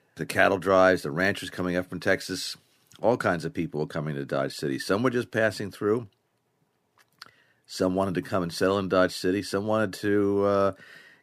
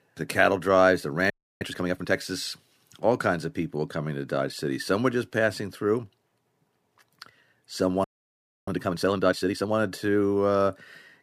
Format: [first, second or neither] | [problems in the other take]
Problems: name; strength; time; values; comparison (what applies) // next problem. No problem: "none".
first | audio freezing; at 1.5 s and at 8 s for 0.5 s